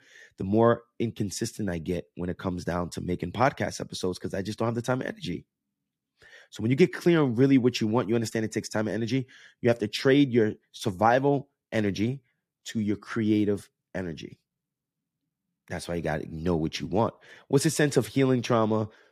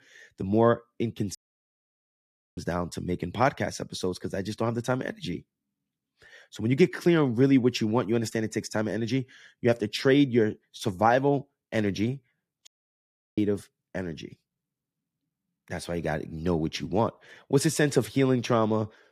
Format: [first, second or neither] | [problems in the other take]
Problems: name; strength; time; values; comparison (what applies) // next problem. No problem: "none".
first | audio cutting out; at 1.5 s for 1 s and at 13 s for 0.5 s